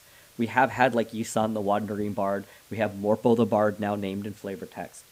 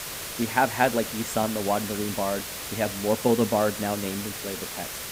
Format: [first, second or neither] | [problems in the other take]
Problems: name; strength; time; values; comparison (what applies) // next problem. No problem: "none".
first | hiss; loud; throughout; 6 dB below the speech; faint in the first